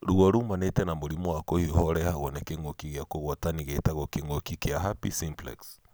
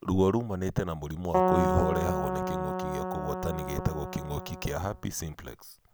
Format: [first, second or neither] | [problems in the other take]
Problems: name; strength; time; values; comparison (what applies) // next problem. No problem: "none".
first | background sound (Keyboard (musical)); 1 dB above the speech